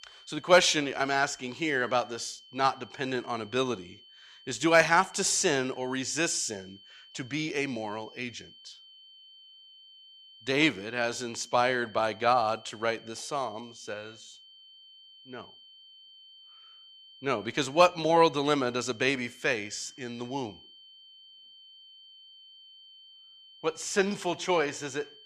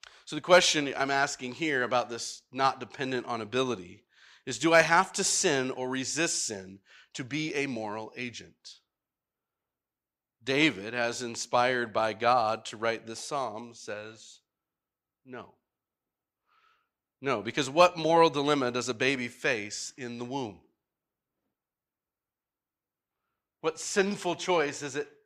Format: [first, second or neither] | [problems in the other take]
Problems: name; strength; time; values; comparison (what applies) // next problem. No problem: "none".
second | high-pitched whine; faint; throughout; 3 kHz, 25 dB below the speech